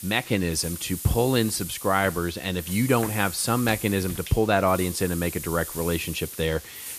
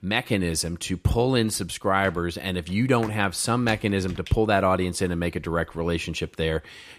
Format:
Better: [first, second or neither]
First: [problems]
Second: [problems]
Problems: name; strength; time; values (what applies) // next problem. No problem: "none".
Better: second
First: hiss; loud; throughout; 10 dB below the speech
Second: none